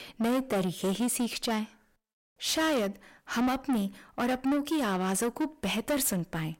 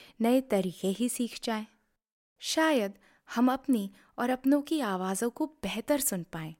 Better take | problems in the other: second | distortion; heavy; 7 dB below the speech

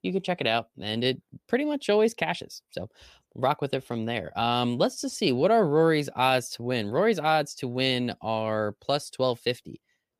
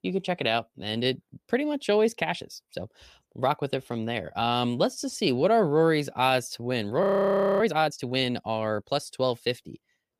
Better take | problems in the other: first | audio freezing; at 7 s for 0.5 s

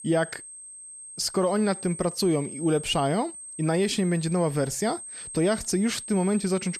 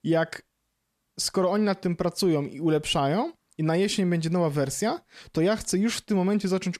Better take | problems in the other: second | high-pitched whine; noticeable; throughout; 8.5 kHz, 10 dB below the speech

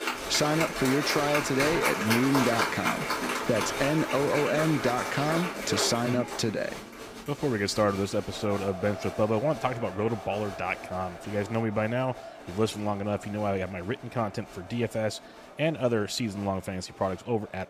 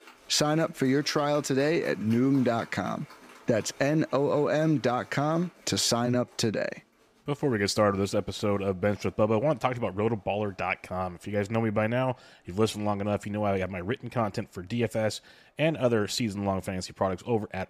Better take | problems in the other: second | crowd noise; loud; throughout; 3 dB below the speech; faint in the second

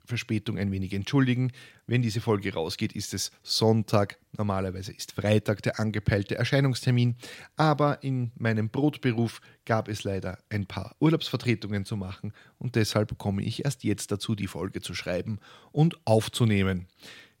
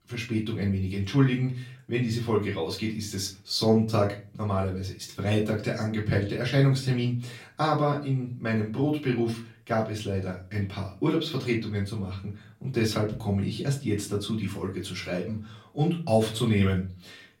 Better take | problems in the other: first | off-mic speech; far // room echo; very slight; dies away in 0.3 s

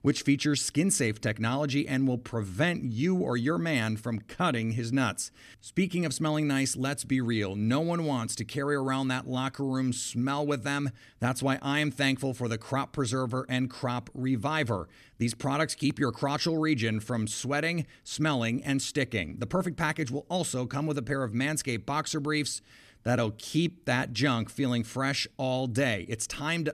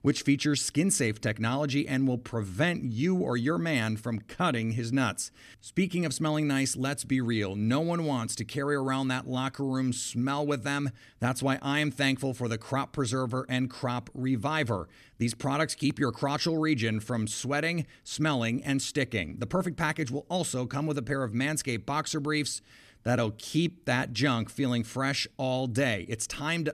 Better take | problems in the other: neither | none

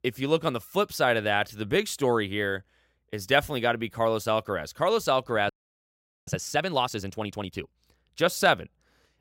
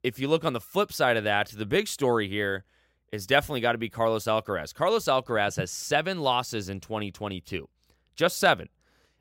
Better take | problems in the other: second | audio freezing; at 5.5 s for 1 s

